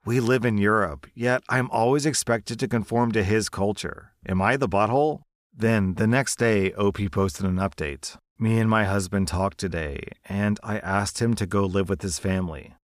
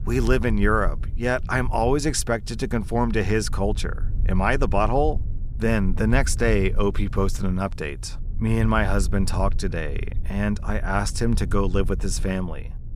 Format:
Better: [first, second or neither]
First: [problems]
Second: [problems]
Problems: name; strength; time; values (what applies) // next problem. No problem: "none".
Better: first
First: none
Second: low rumble; faint; throughout; 20 dB below the speech